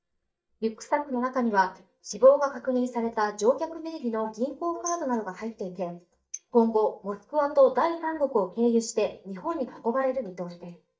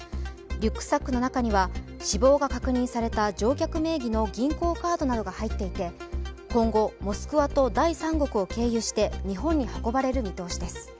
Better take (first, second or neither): second